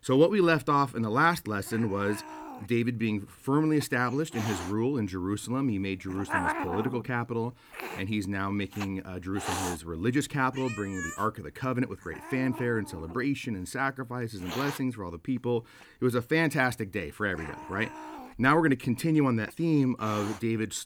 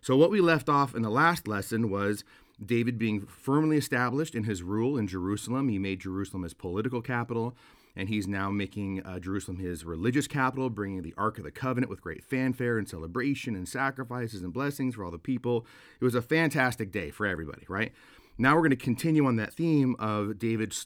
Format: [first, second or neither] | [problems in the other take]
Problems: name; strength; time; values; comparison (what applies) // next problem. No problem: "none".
second | hiss; loud; throughout; 9 dB below the speech